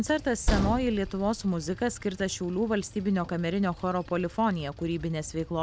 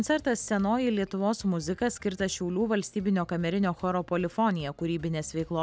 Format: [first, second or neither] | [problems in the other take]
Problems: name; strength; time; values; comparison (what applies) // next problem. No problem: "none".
second | background sound (Train); 8 dB below the speech